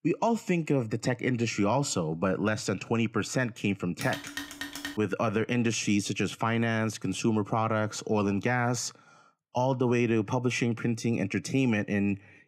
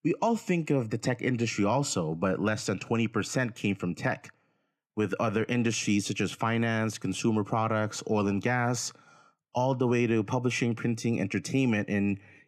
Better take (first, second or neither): second